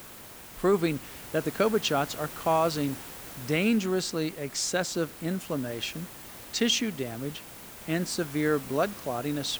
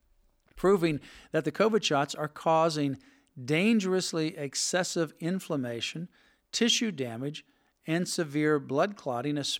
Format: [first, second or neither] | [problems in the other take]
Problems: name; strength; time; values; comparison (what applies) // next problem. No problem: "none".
second | hiss; noticeable; throughout; 15 dB below the speech